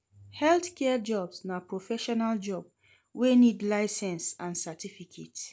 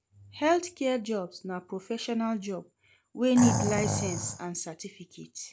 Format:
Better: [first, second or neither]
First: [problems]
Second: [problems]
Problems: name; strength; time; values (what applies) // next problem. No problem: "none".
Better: first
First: none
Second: background sound (Animal); 1 dB below the speech